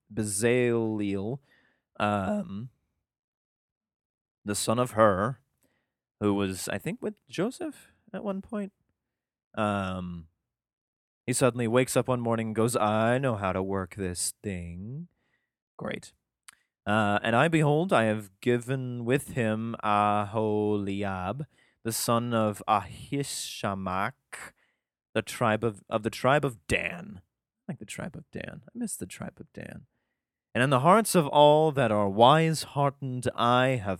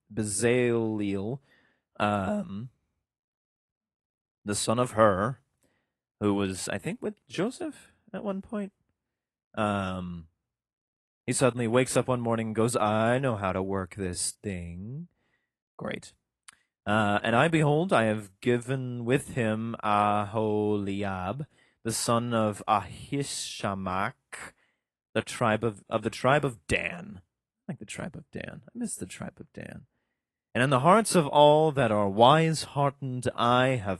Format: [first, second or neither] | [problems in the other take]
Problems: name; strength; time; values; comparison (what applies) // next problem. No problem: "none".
first | garbled, watery; slightly